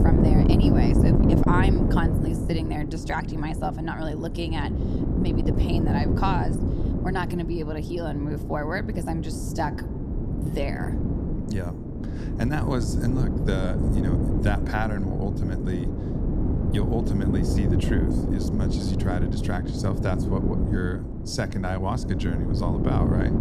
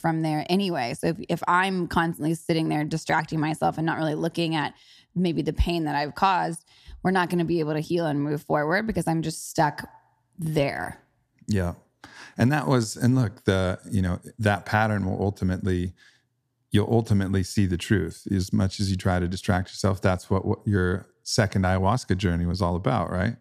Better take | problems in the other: second | wind noise on the microphone; heavy; 1 dB below the speech

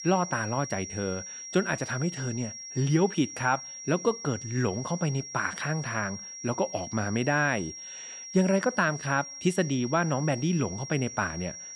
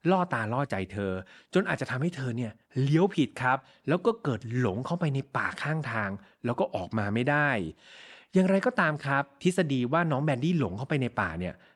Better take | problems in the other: second | high-pitched whine; loud; throughout; 5.5 kHz, 10 dB below the speech

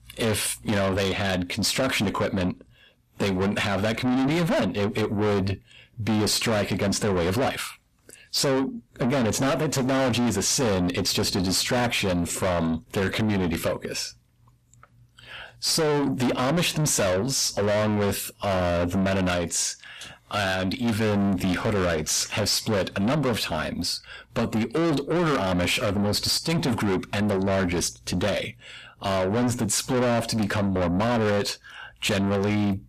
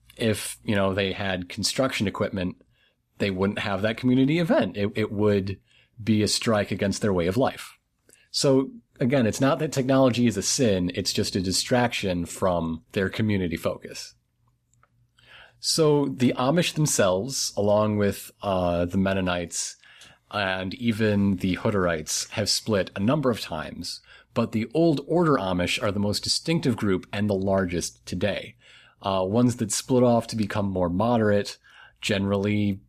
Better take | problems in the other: second | distortion; heavy; 6 dB below the speech

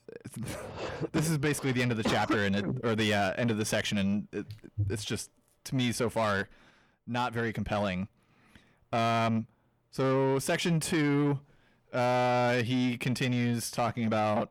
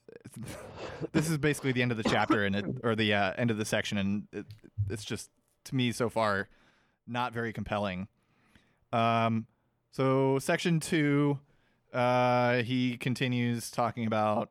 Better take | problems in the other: second | distortion; slight; 10 dB below the speech

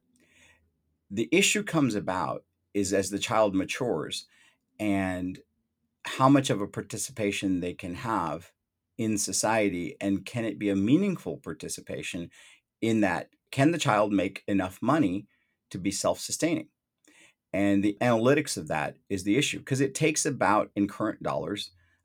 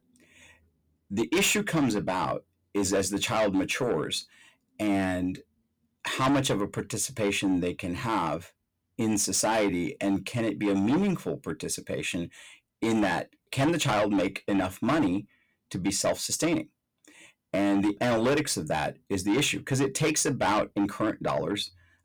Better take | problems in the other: first | distortion; heavy; 7 dB below the speech

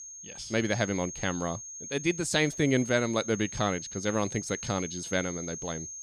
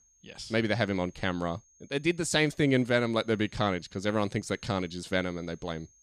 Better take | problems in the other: second | high-pitched whine; loud; throughout; 6.5 kHz, 9 dB below the speech; faint in the second

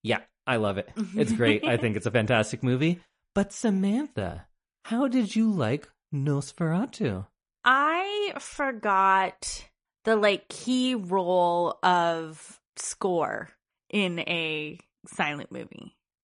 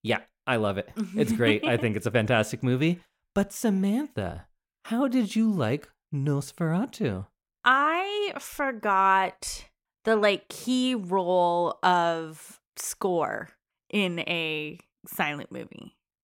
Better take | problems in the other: second | garbled, watery; slightly; nothing above 10.5 kHz

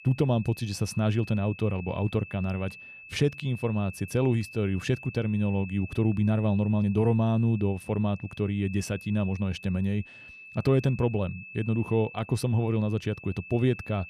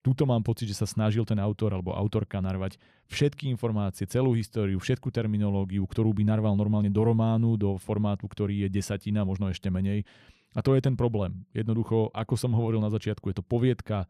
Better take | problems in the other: second | high-pitched whine; noticeable; throughout; 2.5 kHz, 15 dB below the speech

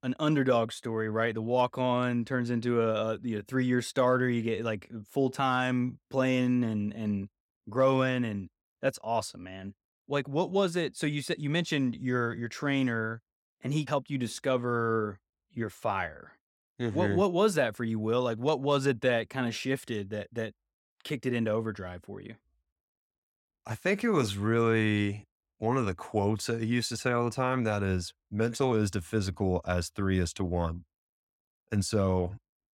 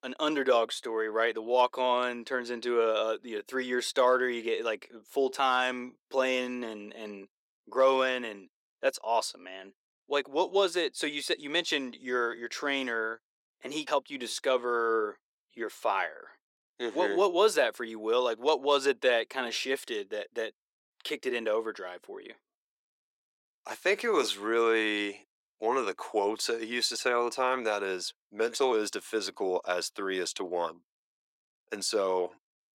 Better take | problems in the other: first | thin; somewhat; fading below 350 Hz

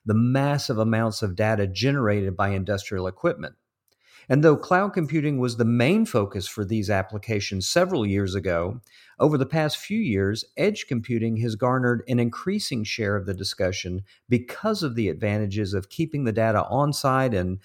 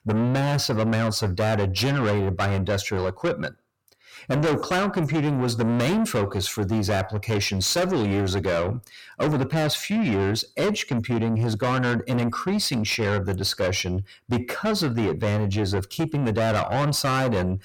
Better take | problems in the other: first | distortion; heavy; 6 dB below the speech

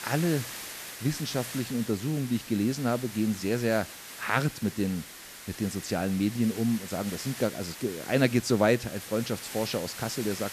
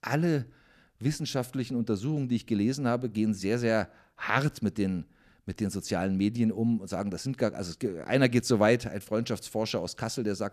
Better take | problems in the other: second | hiss; noticeable; throughout; 10 dB below the speech

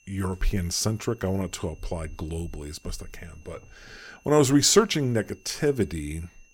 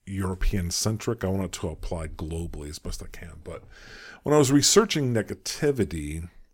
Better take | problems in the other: second | high-pitched whine; faint; throughout; 2.5 kHz, 35 dB below the speech

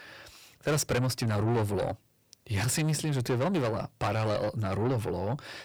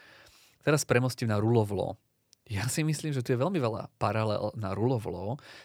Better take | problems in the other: second | distortion; heavy; 6 dB below the speech

